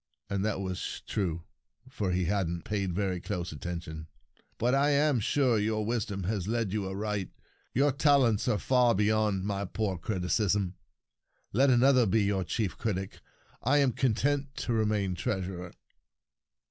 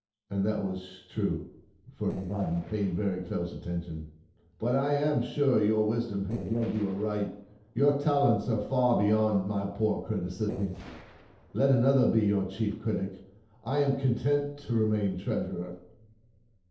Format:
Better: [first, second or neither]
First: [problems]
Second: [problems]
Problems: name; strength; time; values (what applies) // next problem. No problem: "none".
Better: first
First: none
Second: noise reduction (neural separator model SepFormer DNS4)